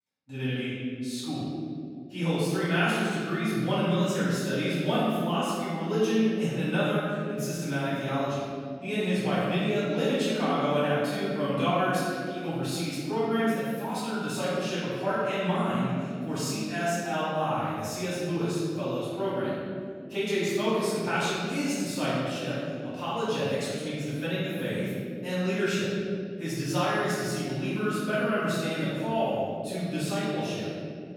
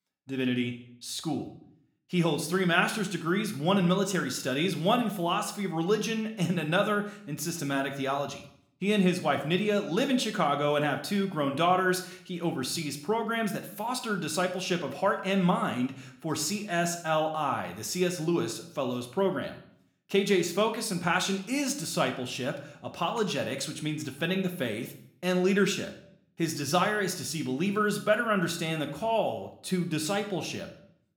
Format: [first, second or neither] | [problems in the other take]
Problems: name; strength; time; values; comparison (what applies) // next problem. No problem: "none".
second | room echo; strong; dies away in 2.3 s; slight in the second // off-mic speech; far